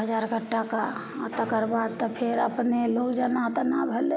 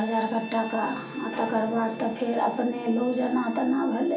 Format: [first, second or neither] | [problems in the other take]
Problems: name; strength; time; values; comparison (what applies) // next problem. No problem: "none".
first | background sound (Bowed string instrument); 19 dB below the speech // room echo; dies away in 0.4 s